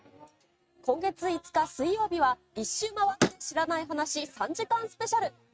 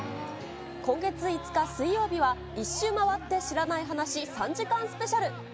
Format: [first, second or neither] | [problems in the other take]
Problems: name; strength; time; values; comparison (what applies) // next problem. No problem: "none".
second | noise reduction (neural mask model RNNoise)